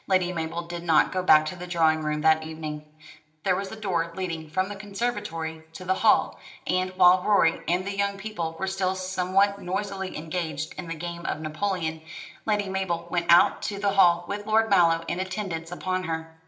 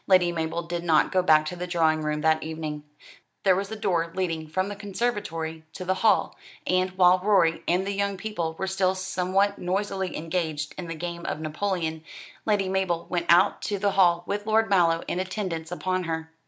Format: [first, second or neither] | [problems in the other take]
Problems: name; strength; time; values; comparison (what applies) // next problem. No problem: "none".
second | room echo; dies away in 0.9 s